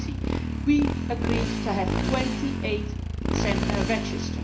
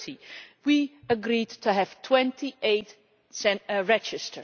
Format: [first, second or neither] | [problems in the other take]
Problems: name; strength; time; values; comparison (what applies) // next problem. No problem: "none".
second | background sound (Motorcycle); 3 dB above the speech // room echo; dies away in 0.4 s